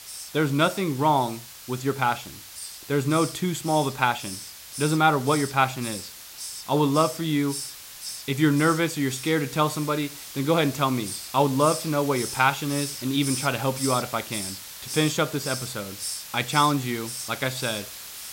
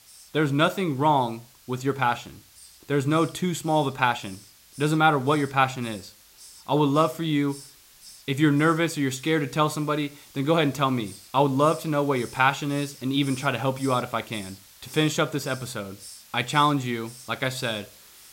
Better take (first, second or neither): second